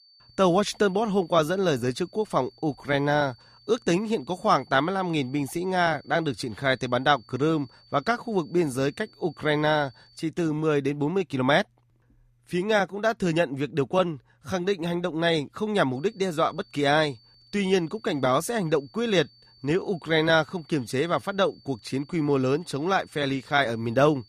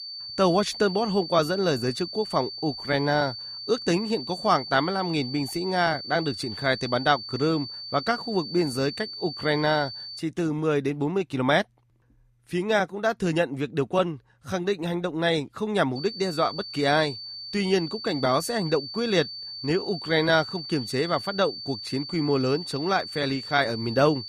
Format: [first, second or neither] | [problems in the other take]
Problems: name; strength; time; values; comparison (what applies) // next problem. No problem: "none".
first | high-pitched whine; loud; until 10 s and from 16 s on; 4.5 kHz, 9 dB below the speech; faint in the first